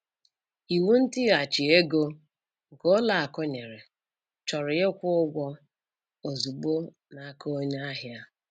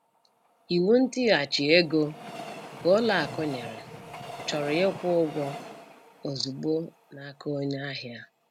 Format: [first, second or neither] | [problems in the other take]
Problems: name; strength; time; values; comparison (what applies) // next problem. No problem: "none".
first | background sound (Train); 15 dB below the speech